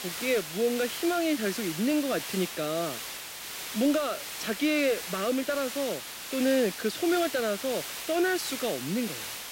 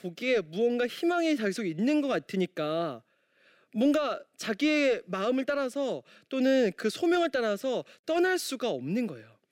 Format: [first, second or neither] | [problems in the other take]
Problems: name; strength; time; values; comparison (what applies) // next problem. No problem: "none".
second | hiss; loud; throughout; 7 dB below the speech